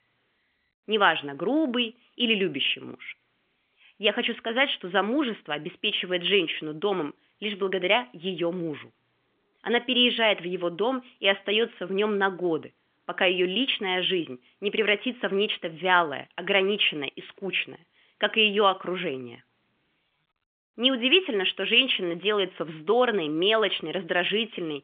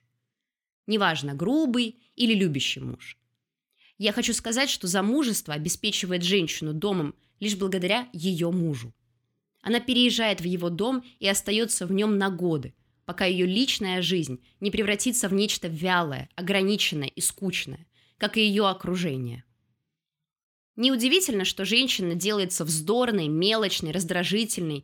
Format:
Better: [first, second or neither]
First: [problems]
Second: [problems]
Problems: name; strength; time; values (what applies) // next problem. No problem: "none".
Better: second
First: phone-call audio; nothing above 3.5 kHz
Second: none